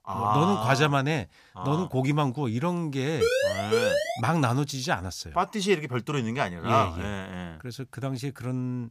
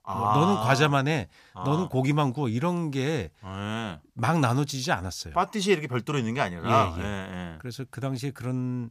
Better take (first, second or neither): second